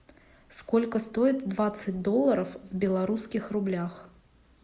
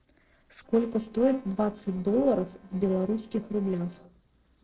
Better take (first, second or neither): first